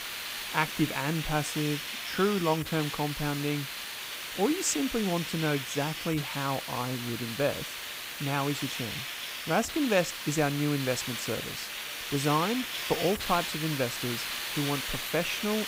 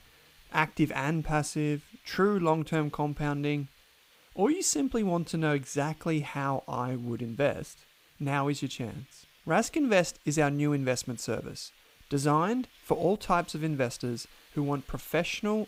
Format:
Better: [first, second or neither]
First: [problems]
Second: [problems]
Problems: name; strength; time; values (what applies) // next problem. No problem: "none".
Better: second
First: hiss; loud; throughout; 4 dB below the speech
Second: hiss; faint; throughout; 30 dB below the speech